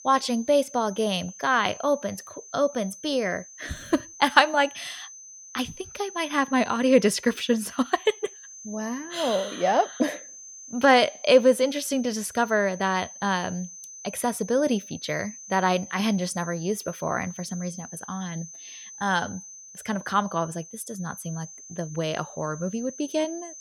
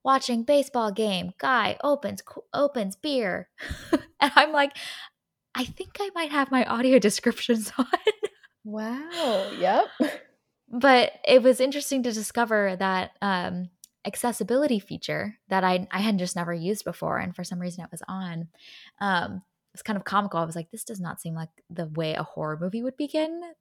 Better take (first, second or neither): second